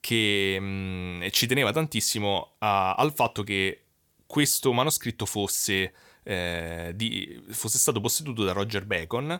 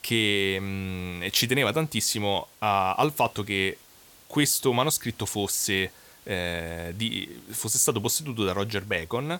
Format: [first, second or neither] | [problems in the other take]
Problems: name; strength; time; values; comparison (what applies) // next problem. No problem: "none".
first | hiss; faint; throughout; 25 dB below the speech